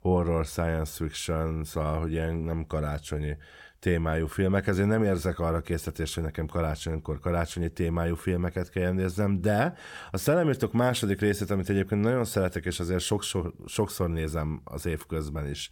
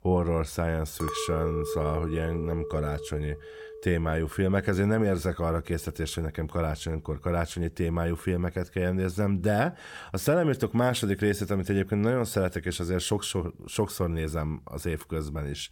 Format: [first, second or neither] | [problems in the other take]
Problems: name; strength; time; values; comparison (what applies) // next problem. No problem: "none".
first | clattering dishes; noticeable; from 1 to 5 s; peak 4 dB below the speech